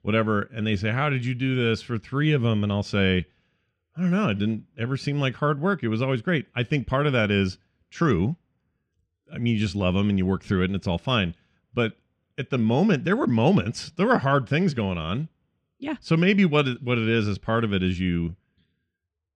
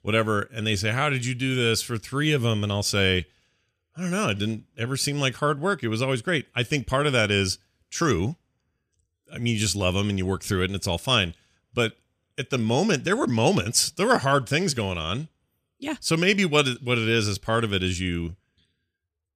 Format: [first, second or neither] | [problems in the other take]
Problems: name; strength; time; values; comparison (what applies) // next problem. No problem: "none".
second | muffled; slightly; fading above 2.5 kHz